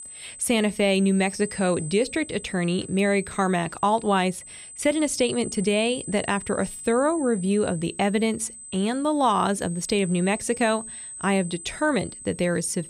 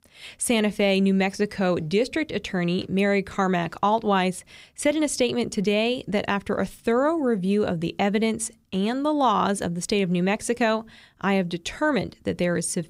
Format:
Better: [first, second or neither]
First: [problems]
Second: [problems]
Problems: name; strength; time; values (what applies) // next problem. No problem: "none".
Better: second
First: high-pitched whine; noticeable; throughout; 8 kHz, 15 dB below the speech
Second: none